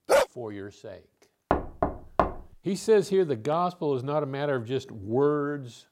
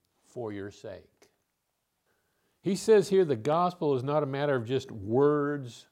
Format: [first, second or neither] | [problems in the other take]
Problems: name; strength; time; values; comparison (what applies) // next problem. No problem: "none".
second | dog barking; loud; at the start; peak 3 dB above the speech // door banging; noticeable; at 1.5 s; peak 1 dB below the speech